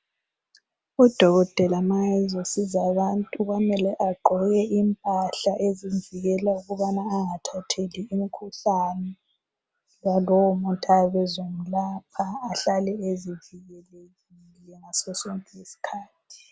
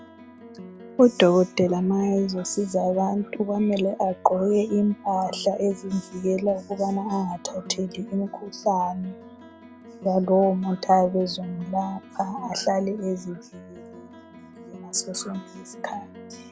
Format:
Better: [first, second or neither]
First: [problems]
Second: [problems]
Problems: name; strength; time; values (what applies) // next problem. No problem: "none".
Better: first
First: none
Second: background sound (Plucked string instrument); 18 dB below the speech